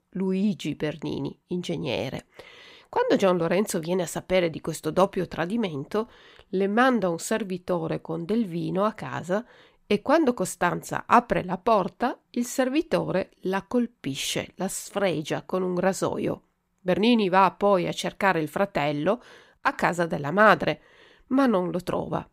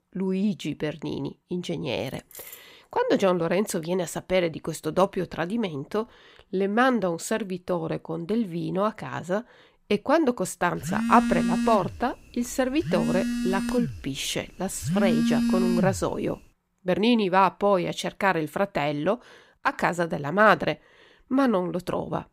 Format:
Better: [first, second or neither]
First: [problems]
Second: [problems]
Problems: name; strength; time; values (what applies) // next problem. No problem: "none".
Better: first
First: none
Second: jangling keys; faint; at 2 s; peak 15 dB below the speech // phone ringing; loud; from 11 to 16 s; peak 3 dB above the speech